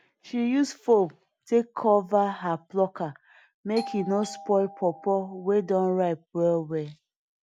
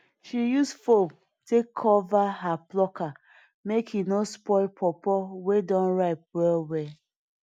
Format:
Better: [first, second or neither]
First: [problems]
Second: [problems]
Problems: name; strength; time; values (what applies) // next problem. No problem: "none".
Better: second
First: background sound (Doorbell); 16 dB below the speech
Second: none